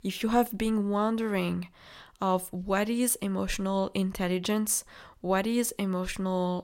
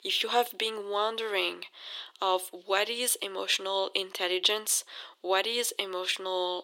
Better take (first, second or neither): first